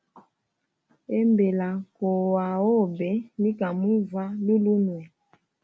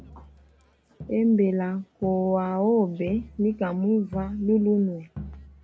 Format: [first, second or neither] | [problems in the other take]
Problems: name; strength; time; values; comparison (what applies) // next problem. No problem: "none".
first | background sound (Crowd); 19 dB below the speech